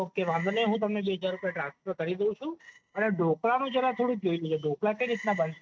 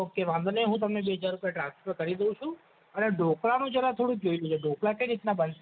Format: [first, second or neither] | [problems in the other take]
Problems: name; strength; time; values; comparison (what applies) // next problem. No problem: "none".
second | noise reduction (neural mask model RNNoise)